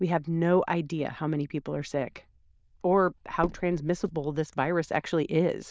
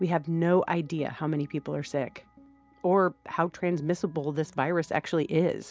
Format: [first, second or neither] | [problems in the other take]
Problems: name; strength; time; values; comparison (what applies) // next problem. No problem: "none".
second | noise reduction (neural diffusion model UNIVERSE++)